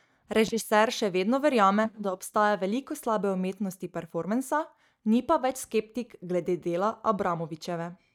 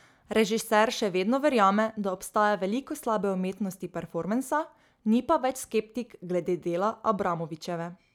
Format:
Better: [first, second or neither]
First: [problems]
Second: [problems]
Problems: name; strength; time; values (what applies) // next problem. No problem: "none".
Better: second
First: noise reduction (neural mask model DeepFilterNet 3)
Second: none